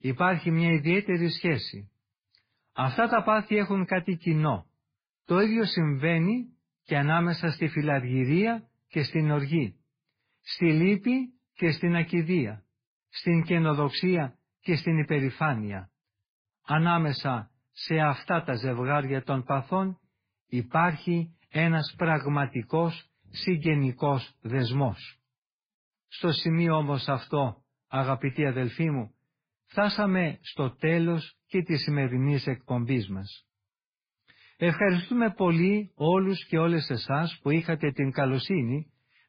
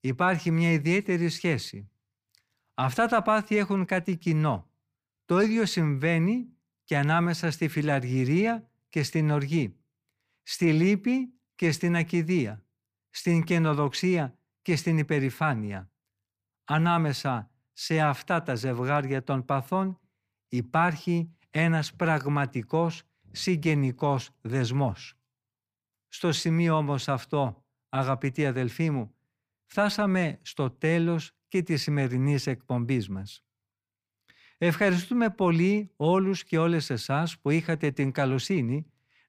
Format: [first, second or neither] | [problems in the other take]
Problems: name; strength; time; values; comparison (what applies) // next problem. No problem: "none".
second | garbled, watery; badly